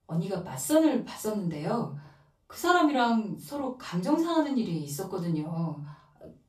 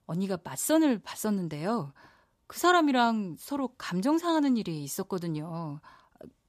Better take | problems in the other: second | off-mic speech; far // room echo; slight; dies away in 0.3 s

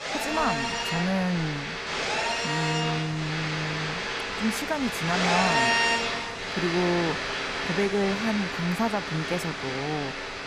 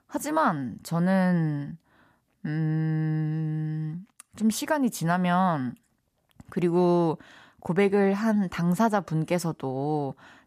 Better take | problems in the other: second | alarms or sirens; very loud; throughout; 2 dB above the speech

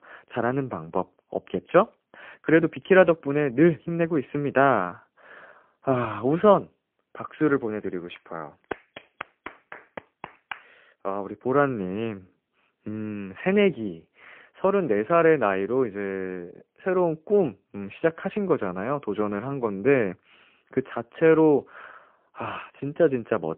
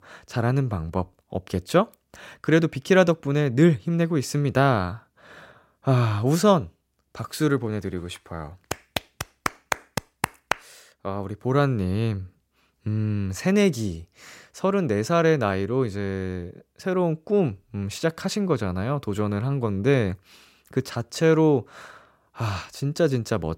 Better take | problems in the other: second | phone-call audio; poor line

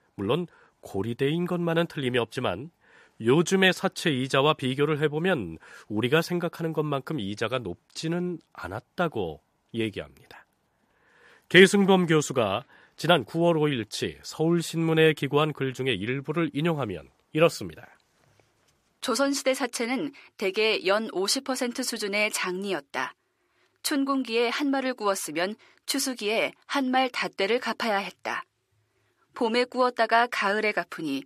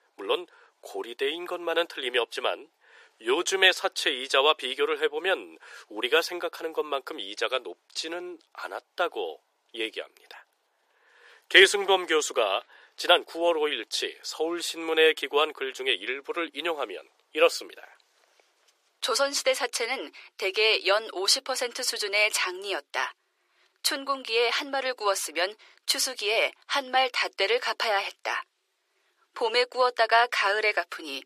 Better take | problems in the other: first | thin; very; fading below 400 Hz

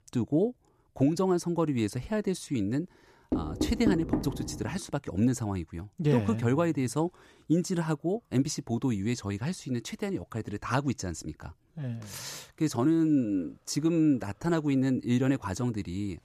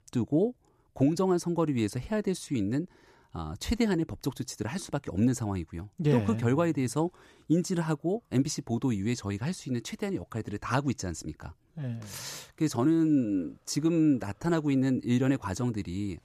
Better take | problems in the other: second | door banging; loud; from 3.5 to 4.5 s; peak level with the speech

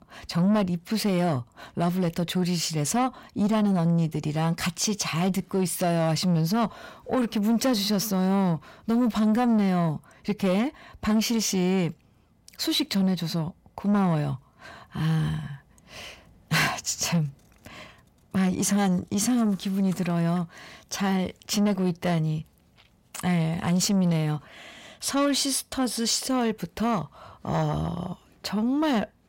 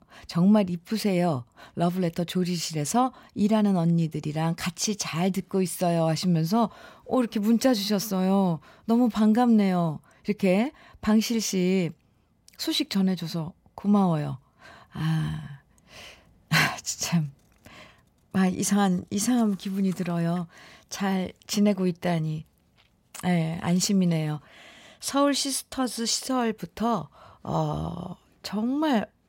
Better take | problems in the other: second | distortion; slight; 10 dB below the speech

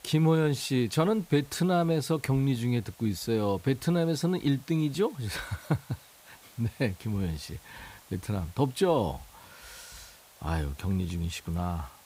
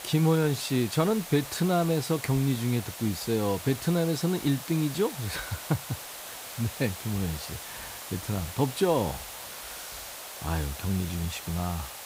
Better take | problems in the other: first | hiss; loud; throughout; 10 dB below the speech; faint in the first

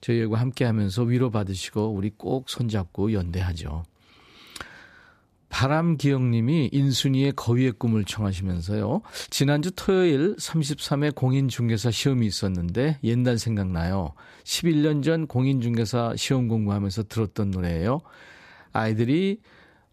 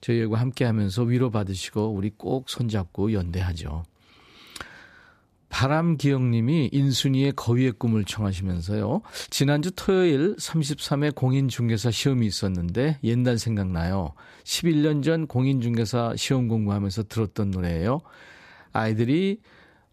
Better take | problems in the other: neither | none

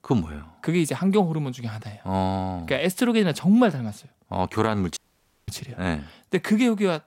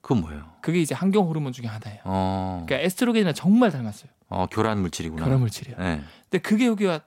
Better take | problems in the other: second | audio cutting out; at 5 s for 0.5 s

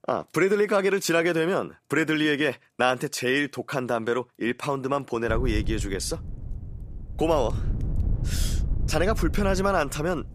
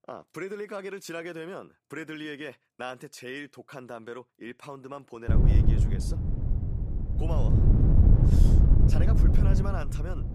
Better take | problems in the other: first | wind noise on the microphone; heavy; from 5.5 s on; 2 dB above the speech; occasional gusts in the first

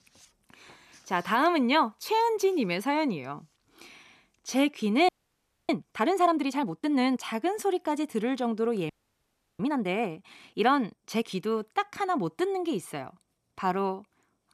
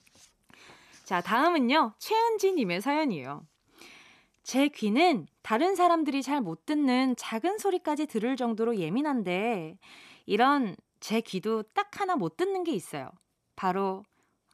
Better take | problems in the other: second | audio freezing; at 5 s for 0.5 s and at 9 s for 0.5 s

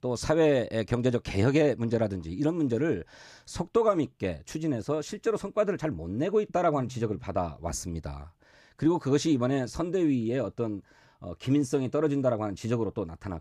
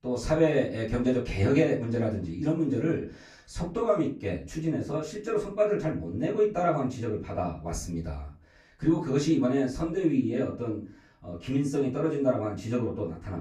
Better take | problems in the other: first | off-mic speech; far // room echo; slight; dies away in 0.3 s

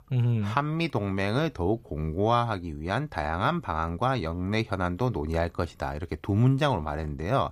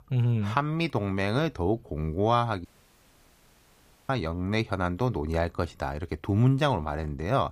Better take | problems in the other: first | audio cutting out; at 2.5 s for 1.5 s

